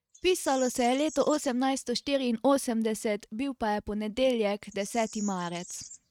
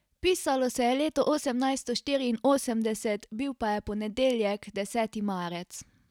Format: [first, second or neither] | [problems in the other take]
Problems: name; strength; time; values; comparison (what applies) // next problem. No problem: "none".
second | noise reduction (neural mask model RNNoise)